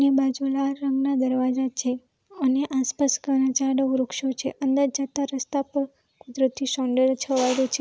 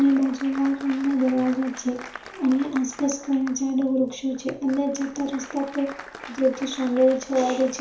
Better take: first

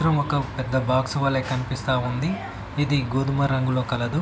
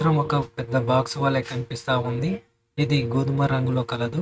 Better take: first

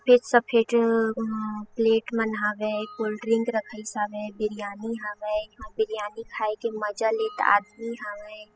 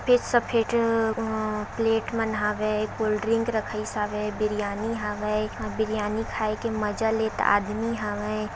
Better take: second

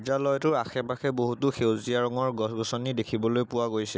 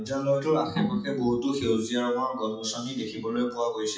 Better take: first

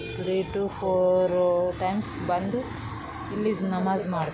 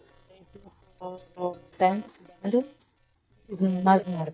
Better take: first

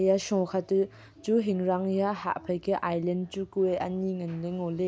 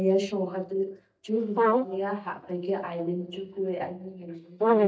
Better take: first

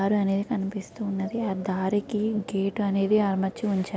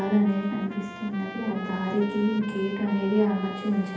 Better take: first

